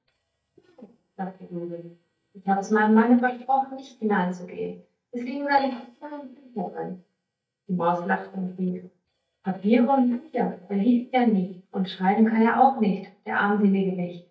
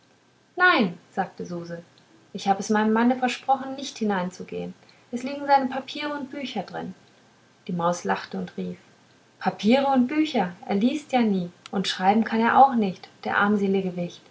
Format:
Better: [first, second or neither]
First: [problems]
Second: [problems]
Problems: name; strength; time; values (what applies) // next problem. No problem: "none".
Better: second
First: noise reduction (neural mask model DeepFilterNet 3)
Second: none